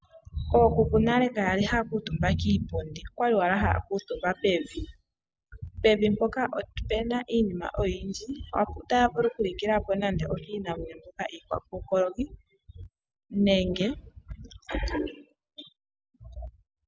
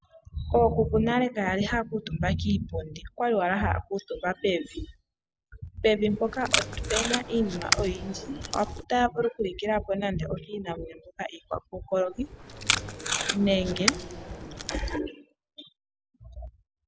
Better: first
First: none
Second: background sound (Packing tape, duct tape); 3 dB below the speech

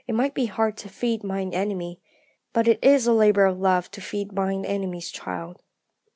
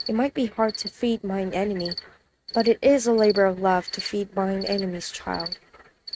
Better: first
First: none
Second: noise reduction (neural mask model RNNoise)

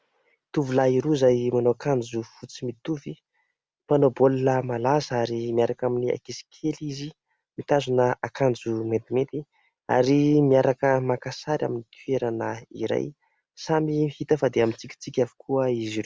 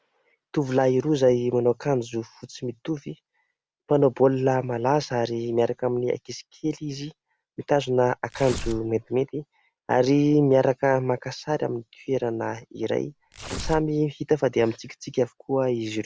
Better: first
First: none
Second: background sound (Tearing); 10 dB below the speech

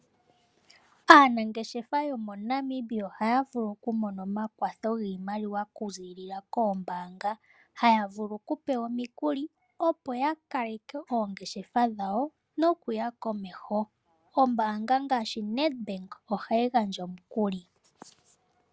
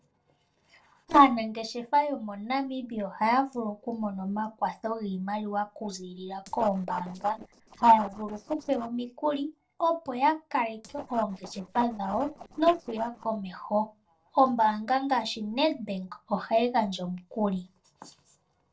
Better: first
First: none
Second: noise reduction (neural separator model SepFormer DNS4)

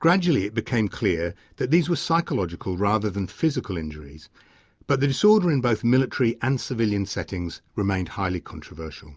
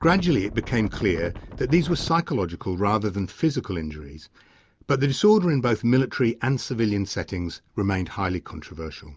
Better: first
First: none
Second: background sound (Wind); 11 dB below the speech

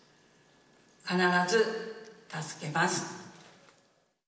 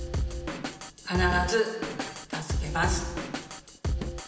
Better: first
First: none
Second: background sound (Drum kit); as loud as the speech

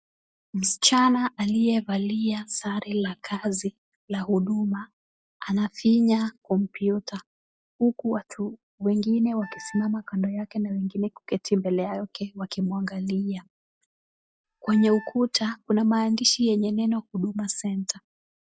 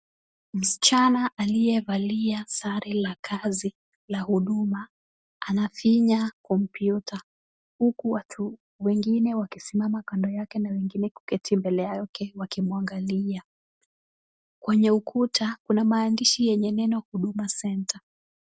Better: second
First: noise reduction (classical method log-MMSE)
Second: none

